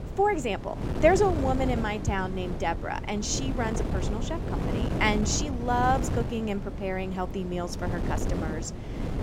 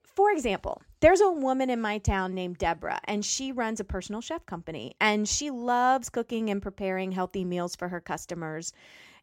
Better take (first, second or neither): second